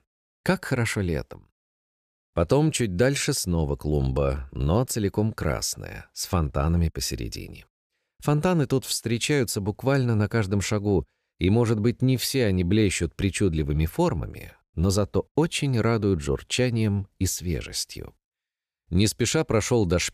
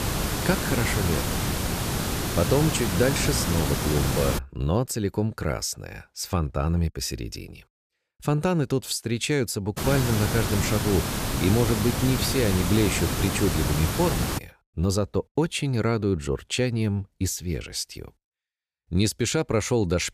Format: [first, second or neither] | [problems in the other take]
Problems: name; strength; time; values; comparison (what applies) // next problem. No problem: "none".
first | hiss; loud; until 4.5 s and from 10 to 14 s; 1 dB below the speech